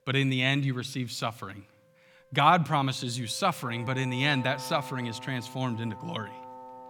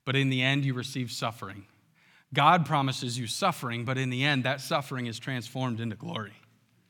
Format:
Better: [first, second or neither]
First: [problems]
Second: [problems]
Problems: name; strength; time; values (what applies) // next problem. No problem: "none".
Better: second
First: background music; noticeable; throughout; 15 dB below the speech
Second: none